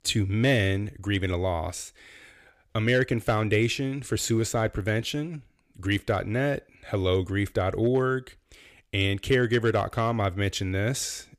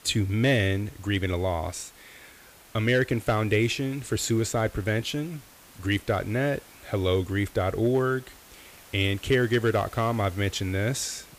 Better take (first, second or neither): first